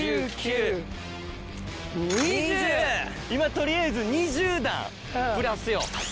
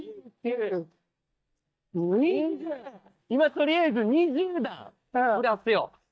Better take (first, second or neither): first